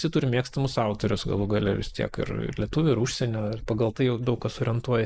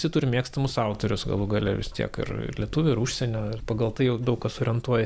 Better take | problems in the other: second | noise reduction (neural mask model Resemble Enhance denoiser)

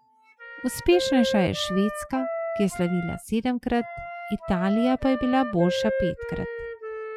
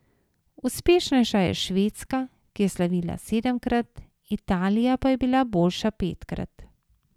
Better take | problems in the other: second | noise reduction (classical method Wiener filter)

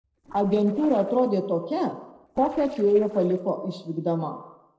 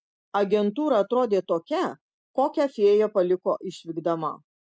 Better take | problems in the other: second | noise reduction (neural separator model SepFormer DNS4)

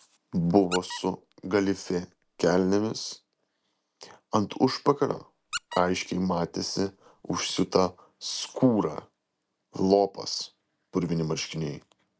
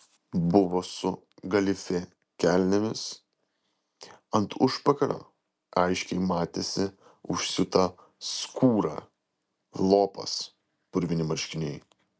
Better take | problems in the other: second | background sound (Squeak); 15 dB below the speech

